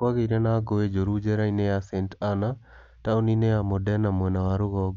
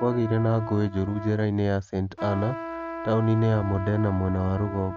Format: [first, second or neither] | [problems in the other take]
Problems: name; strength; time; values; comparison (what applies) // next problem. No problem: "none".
first | noise reduction (neural mask model RNNoise)